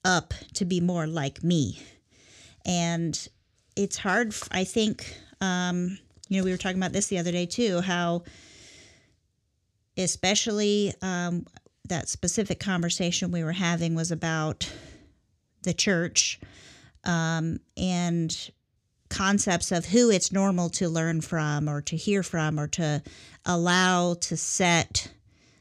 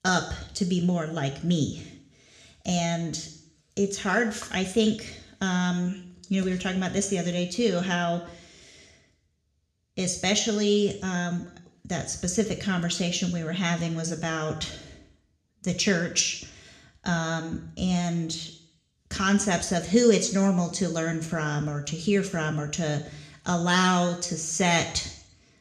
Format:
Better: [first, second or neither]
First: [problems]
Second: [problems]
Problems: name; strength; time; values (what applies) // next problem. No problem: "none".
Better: first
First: none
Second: room echo; slight; dies away in 0.6 s